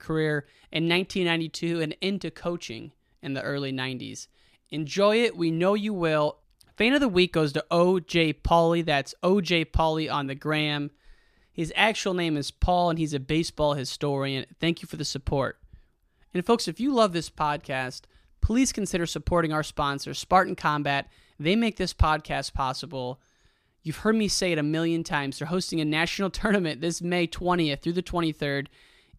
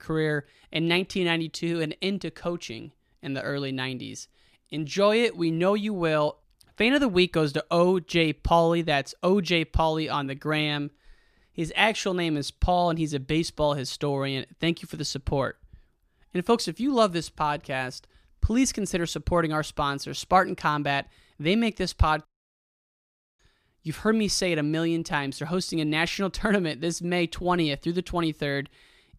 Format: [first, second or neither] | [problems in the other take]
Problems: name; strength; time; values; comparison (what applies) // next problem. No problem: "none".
first | audio cutting out; at 22 s for 1 s